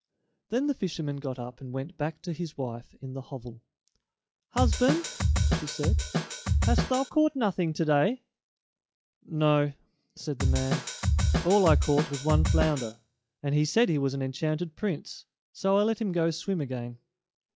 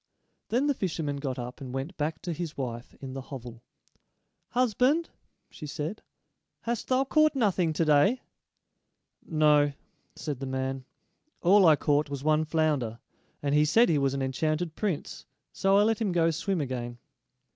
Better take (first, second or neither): second